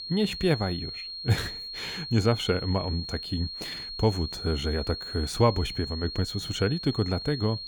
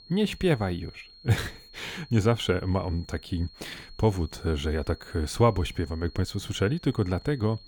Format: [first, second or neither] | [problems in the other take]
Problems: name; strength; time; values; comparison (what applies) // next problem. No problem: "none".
second | high-pitched whine; loud; throughout; 4.5 kHz, 7 dB below the speech; faint in the second